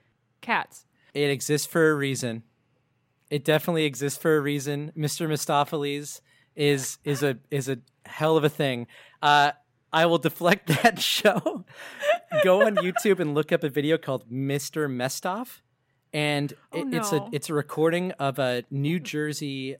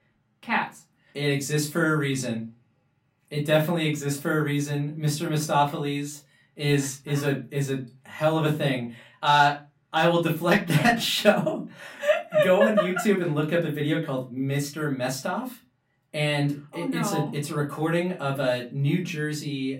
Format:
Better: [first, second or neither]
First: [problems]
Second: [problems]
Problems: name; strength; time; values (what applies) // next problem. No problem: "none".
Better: first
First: none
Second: off-mic speech; far // room echo; very slight; dies away in 0.2 s